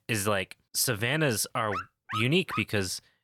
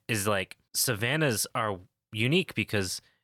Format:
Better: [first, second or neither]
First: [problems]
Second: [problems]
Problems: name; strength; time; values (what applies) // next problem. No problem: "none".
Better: second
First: dog barking; noticeable; at 1.5 s; peak 8 dB below the speech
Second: none